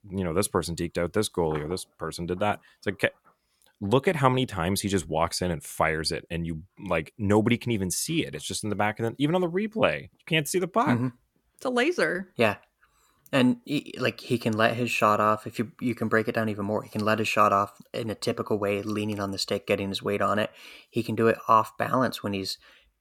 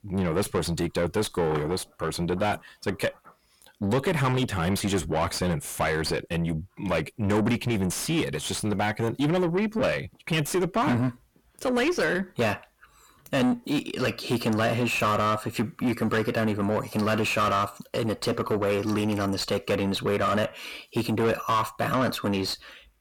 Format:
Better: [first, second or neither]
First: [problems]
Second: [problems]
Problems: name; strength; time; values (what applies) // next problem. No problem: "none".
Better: first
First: none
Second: distortion; heavy; 5 dB below the speech